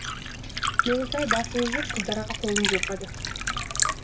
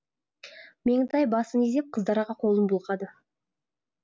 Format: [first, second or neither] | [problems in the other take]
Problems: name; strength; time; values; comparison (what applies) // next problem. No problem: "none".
second | background sound (Liquid); 2 dB above the speech // room echo; dies away in 0.2 s